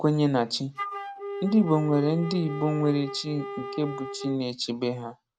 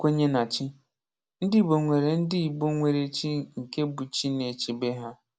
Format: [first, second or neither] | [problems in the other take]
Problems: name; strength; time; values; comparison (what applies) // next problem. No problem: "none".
second | noise reduction (neural mask model RNNoise)